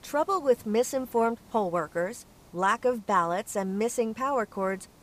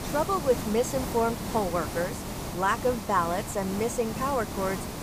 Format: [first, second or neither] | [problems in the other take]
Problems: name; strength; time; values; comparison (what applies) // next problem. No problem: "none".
first | hiss; loud; throughout; 6 dB below the speech; faint in the first